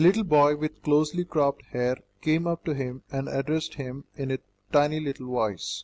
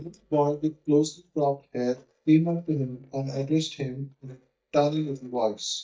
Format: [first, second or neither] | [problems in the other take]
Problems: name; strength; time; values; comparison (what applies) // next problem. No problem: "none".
first | noise reduction (neural mask model DeepFilterNet 3)